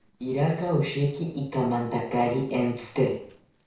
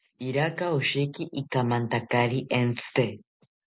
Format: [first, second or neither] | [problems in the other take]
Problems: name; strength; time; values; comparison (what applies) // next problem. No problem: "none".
second | noise reduction (neural separator model SepFormer DNS4)